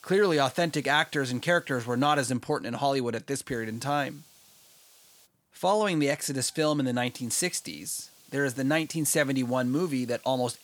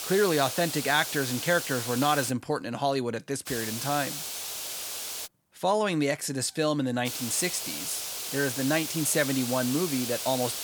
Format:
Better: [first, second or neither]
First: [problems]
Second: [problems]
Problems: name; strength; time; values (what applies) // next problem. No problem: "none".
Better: first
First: hiss; faint; until 2.5 s, from 3.5 to 5.5 s and from 7 s on; 25 dB below the speech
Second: hiss; loud; until 2.5 s, from 3.5 to 5.5 s and from 7 s on; 5 dB below the speech